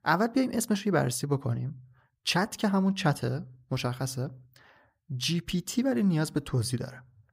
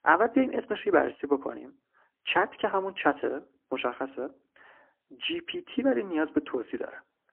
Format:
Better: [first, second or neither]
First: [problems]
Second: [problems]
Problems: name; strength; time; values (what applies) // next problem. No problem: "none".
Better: first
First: none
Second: phone-call audio; poor line; nothing above 3 kHz